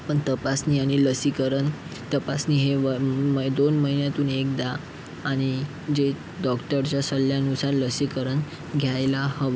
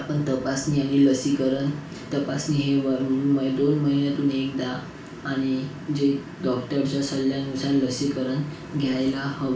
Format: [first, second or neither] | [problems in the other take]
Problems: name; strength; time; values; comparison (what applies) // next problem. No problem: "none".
first | room echo; dies away in 0.3 s